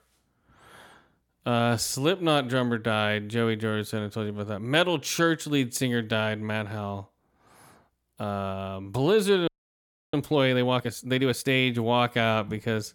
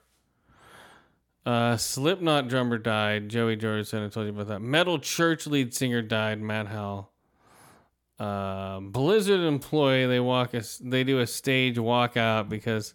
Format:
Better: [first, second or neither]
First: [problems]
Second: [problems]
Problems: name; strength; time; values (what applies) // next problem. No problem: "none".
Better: second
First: audio freezing; at 9.5 s for 0.5 s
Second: none